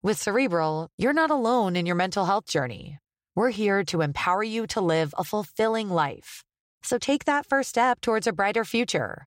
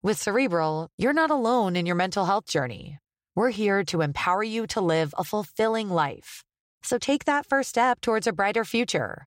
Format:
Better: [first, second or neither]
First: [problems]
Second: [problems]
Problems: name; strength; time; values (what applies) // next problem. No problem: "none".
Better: neither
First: none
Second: none